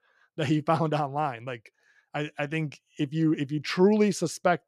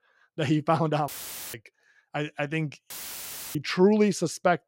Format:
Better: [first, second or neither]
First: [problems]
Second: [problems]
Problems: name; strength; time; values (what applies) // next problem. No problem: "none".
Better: first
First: none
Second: audio cutting out; filled with static; at 1 s and at 3 s for 0.5 s